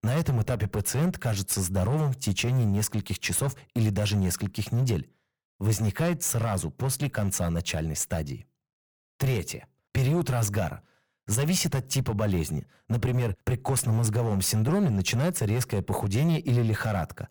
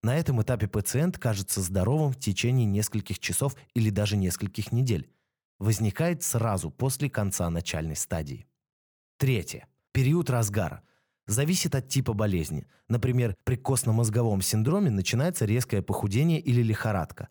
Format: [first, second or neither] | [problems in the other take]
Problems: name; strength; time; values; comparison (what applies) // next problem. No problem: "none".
second | distortion; slight; 8% of the sound clipped